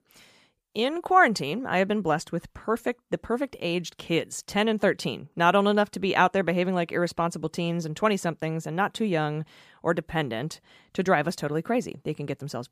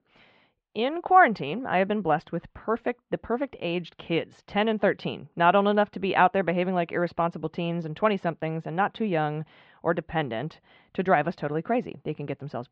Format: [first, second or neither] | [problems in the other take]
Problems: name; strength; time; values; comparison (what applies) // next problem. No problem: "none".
first | muffled; very; fading above 3.5 kHz